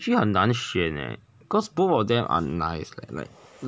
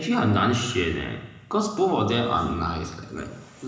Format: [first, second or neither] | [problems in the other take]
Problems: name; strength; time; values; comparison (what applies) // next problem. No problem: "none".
first | room echo; dies away in 1 s